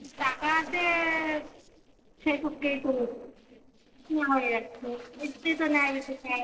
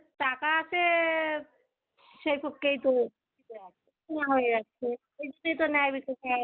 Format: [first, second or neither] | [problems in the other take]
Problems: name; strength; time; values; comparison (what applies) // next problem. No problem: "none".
second | noise reduction (neural separator model SepFormer DNS4)